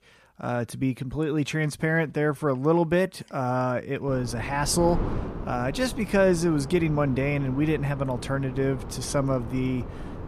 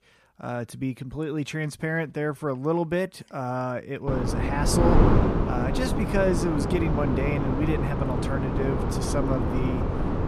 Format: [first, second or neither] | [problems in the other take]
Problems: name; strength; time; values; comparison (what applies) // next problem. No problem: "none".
first | wind noise on the microphone; heavy; from 4 s on; as loud as the speech; occasional gusts in the first